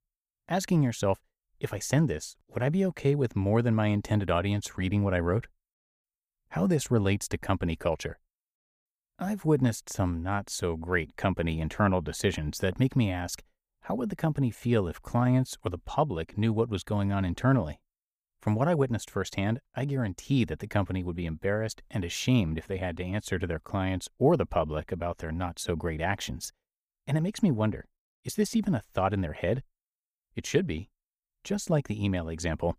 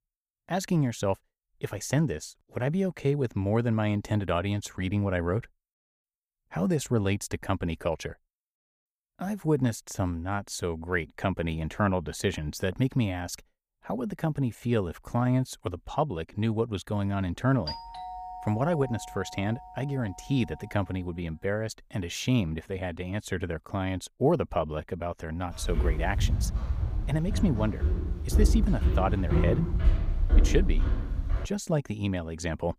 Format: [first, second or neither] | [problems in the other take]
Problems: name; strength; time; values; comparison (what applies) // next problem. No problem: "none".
first | doorbell; noticeable; from 18 to 21 s; peak 7 dB below the speech // footsteps; loud; from 26 to 31 s; peak 5 dB above the speech